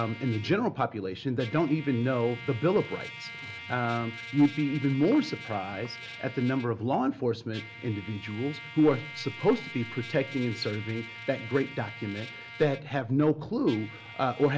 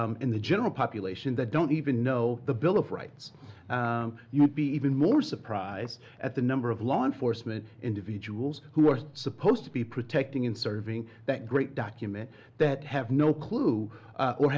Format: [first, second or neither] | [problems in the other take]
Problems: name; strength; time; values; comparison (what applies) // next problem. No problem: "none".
second | background sound (Trumpet); 15 dB below the speech